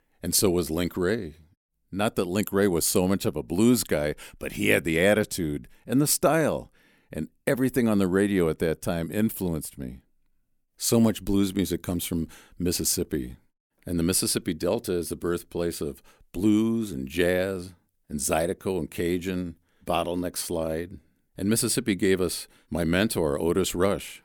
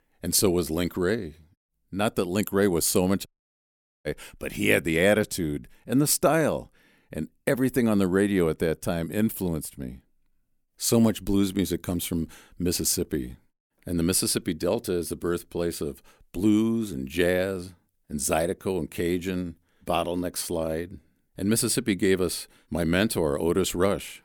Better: first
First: none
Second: audio cutting out; at 3.5 s for 1 s

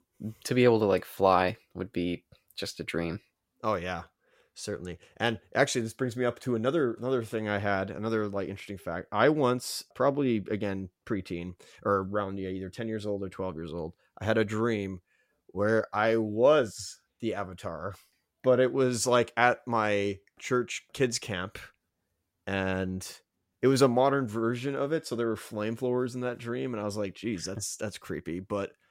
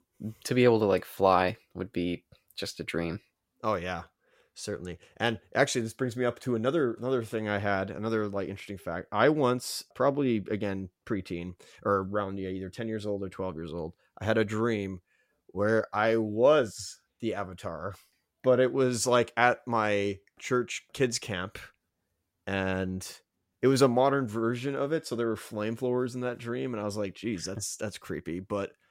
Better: neither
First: none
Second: none

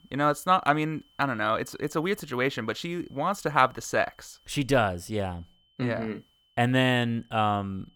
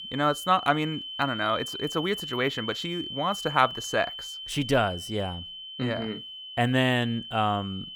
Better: first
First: high-pitched whine; faint; throughout; 3 kHz, 35 dB below the speech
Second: high-pitched whine; loud; throughout; 3 kHz, 8 dB below the speech

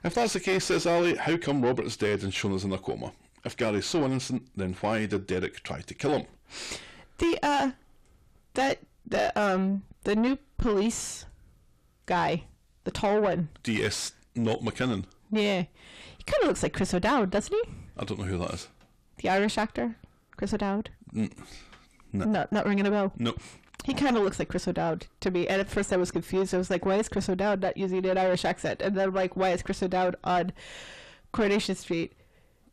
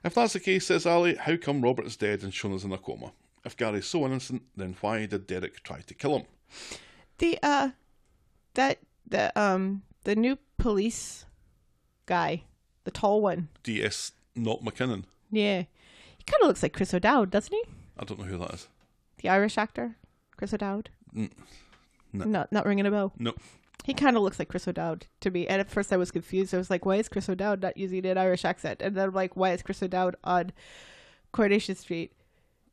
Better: second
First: distortion; heavy; 7 dB below the speech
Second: none

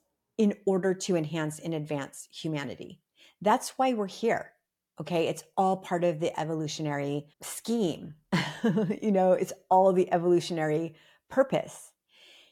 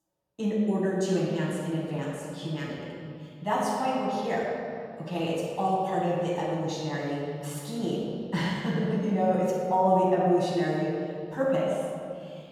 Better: first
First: none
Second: off-mic speech; far // room echo; strong; dies away in 2.6 s

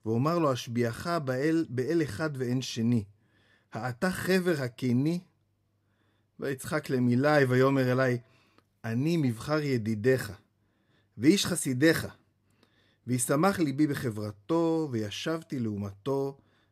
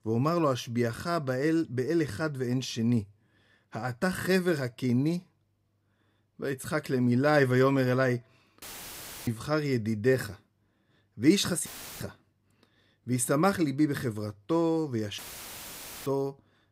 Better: first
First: none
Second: audio cutting out; filled with static; at 8.5 s for 0.5 s, at 12 s and at 15 s for 1 s

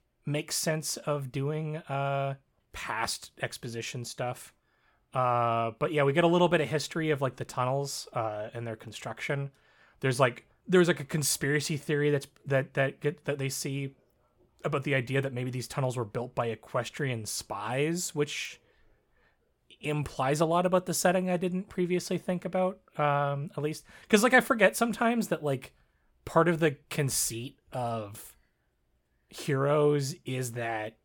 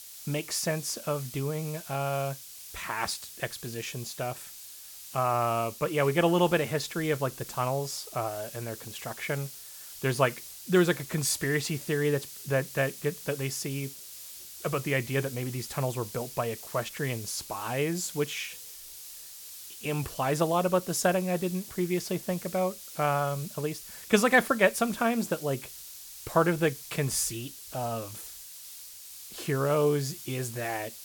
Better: first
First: none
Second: hiss; noticeable; throughout; 10 dB below the speech

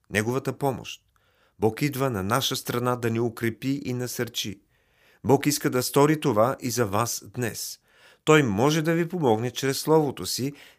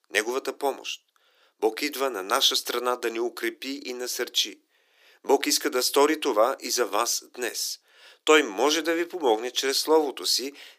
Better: first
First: none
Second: thin; somewhat; fading below 300 Hz

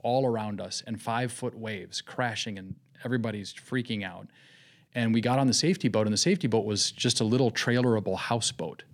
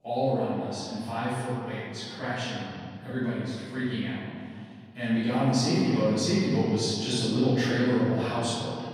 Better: first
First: none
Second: off-mic speech; far // room echo; strong; dies away in 2.1 s

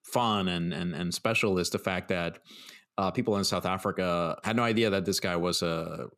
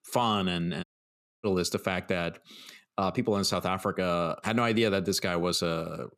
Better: first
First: none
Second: audio cutting out; at 1 s for 0.5 s

